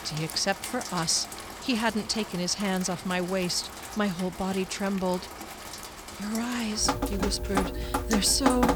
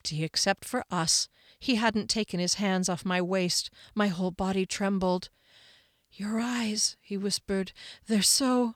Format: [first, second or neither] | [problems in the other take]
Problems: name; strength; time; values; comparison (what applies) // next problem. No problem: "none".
second | rain or running water; loud; throughout; 6 dB below the speech